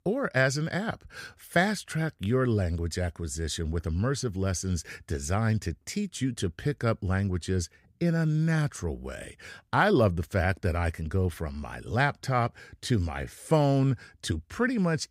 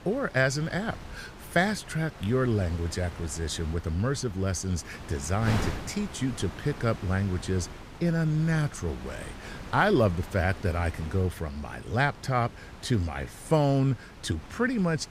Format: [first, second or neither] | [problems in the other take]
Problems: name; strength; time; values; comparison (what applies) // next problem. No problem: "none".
first | wind noise on the microphone; occasional gusts; 15 dB below the speech